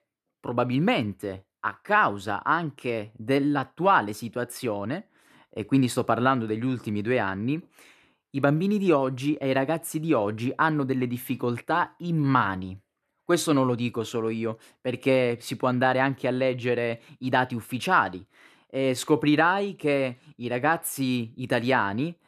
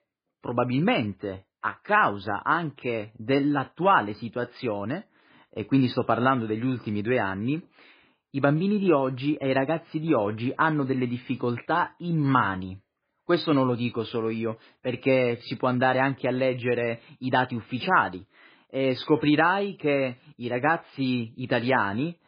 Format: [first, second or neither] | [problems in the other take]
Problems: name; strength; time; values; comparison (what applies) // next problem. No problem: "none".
first | garbled, watery; badly; nothing above 4 kHz